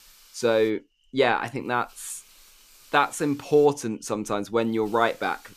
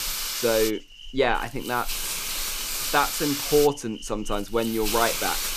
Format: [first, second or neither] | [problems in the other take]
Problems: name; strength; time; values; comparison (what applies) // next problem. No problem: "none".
first | hiss; loud; throughout; 2 dB below the speech; faint in the first